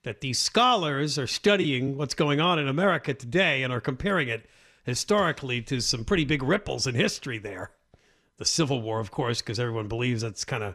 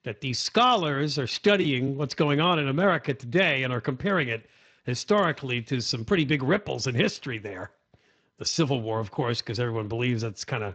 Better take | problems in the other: first | garbled, watery; slightly

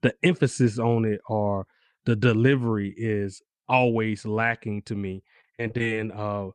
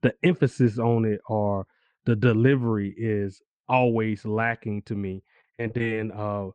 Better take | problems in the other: first | muffled; slightly; fading above 2 kHz

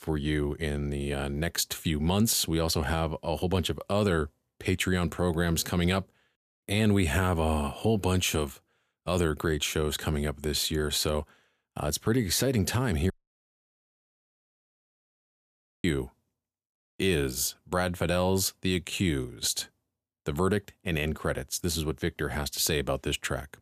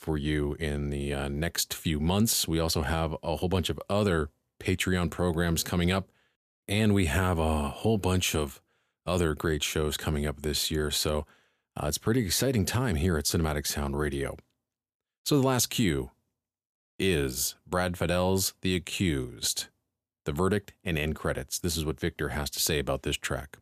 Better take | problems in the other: second | audio cutting out; at 13 s for 2.5 s

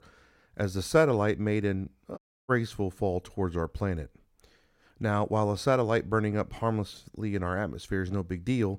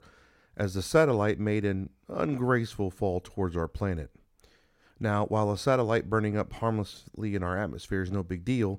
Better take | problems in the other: second | audio cutting out; at 2 s

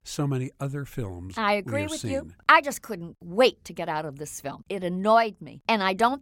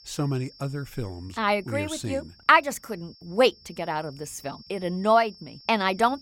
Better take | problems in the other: first | high-pitched whine; faint; throughout; 5.5 kHz, 25 dB below the speech

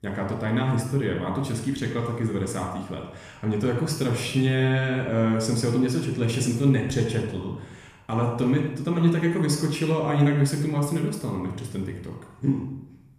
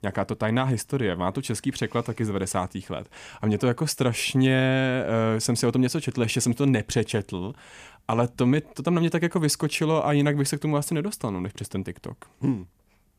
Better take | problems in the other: second | off-mic speech; somewhat distant // room echo; noticeable; dies away in 0.7 s

